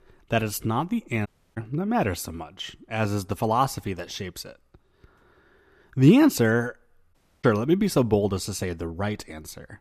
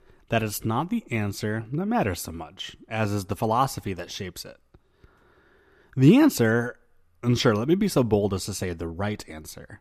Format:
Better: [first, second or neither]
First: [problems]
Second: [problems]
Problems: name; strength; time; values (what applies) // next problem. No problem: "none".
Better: second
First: audio cutting out; at 1.5 s and at 7 s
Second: none